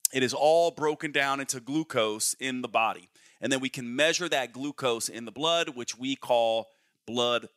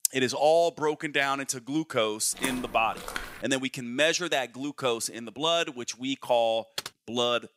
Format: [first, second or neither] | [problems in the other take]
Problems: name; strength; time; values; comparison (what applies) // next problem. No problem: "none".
first | footsteps; noticeable; from 2.5 to 3.5 s; peak 8 dB below the speech // keyboard typing; noticeable; at 7 s; peak 9 dB below the speech